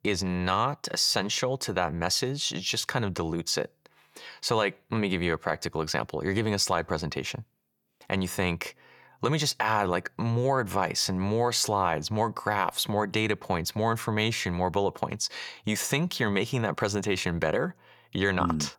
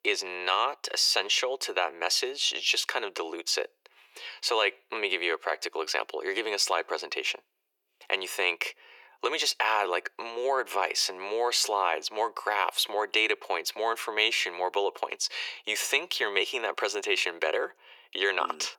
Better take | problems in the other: first | thin; very; fading below 350 Hz

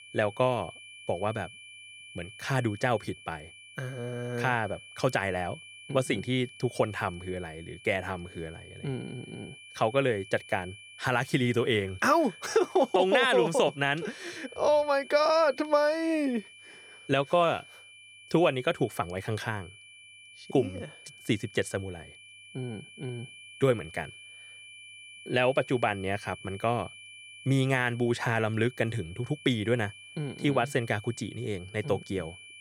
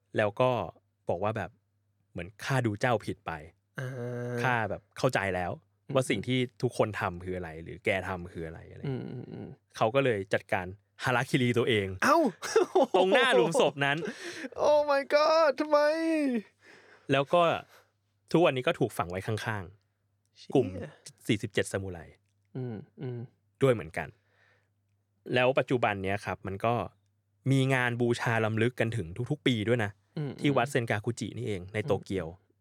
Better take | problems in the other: second | high-pitched whine; noticeable; throughout; 2.5 kHz, 20 dB below the speech

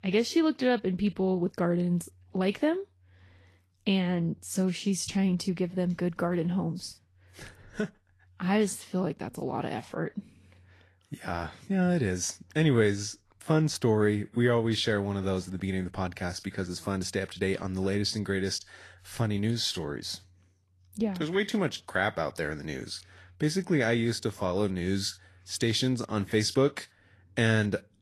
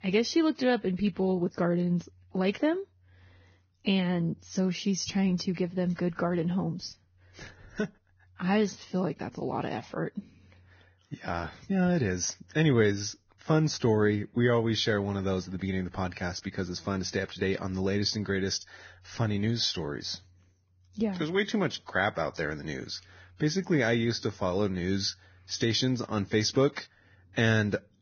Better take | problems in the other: first | garbled, watery; badly; nothing above 6.5 kHz; slightly in the first

